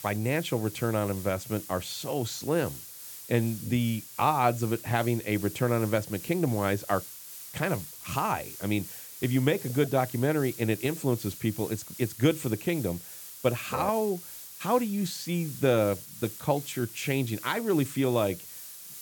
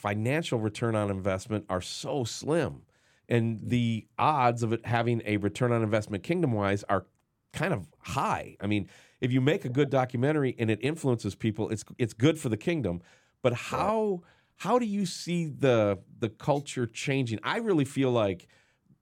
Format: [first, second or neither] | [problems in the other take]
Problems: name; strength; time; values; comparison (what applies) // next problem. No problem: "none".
second | hiss; noticeable; throughout; 10 dB below the speech